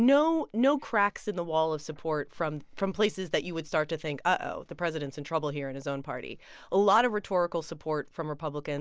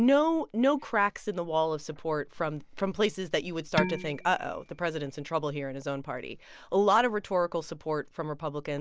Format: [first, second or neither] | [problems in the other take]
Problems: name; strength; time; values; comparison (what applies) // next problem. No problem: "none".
first | background sound (Dishes, pots, and pans); 7 dB below the speech